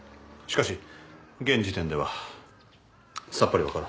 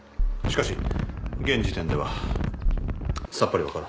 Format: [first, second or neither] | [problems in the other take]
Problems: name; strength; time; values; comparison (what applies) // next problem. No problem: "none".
first | background sound (Wind + Bass drum); 3 dB above the speech